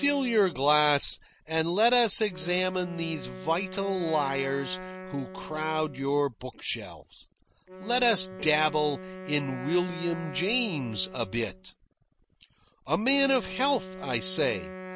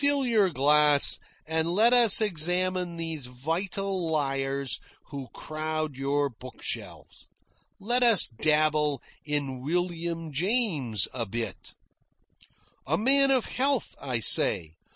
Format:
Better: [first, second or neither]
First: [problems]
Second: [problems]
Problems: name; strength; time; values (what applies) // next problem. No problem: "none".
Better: second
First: background sound (Wind instrument, woodwind instrument); 13 dB below the speech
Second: none